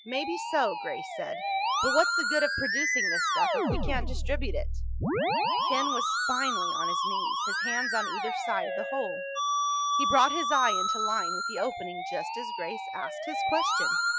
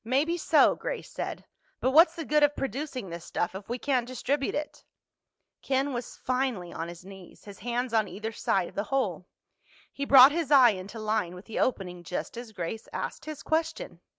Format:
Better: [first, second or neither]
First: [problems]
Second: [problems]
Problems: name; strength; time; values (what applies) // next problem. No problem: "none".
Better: second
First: noise reduction (classical method Wiener filter)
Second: none